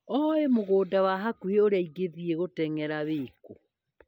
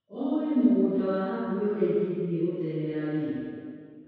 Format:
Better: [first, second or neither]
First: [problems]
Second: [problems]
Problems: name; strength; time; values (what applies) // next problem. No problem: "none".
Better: first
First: none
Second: room echo; dies away in 2 s